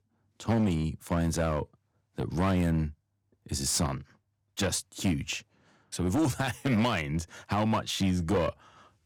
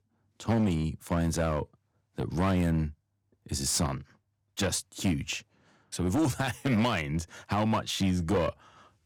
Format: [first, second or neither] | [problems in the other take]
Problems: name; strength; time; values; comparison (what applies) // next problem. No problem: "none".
neither | distortion; slight; 8% of the sound clipped; the same in both